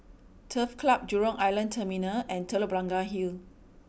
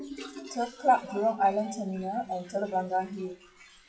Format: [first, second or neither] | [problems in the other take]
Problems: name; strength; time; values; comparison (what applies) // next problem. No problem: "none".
first | noise reduction (classical method WPE with log-MMSE)